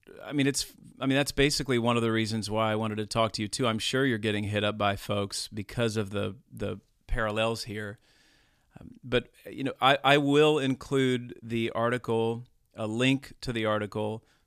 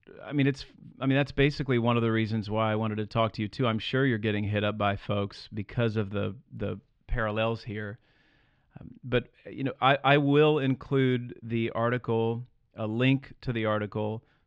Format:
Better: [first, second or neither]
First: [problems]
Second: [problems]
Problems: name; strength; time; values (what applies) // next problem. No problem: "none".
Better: first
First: none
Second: muffled; slightly; fading above 3 kHz